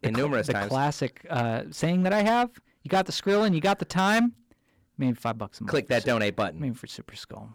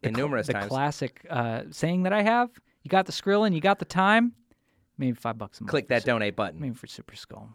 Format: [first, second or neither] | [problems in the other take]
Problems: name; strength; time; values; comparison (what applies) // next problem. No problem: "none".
second | distortion; slight; 7% of the sound clipped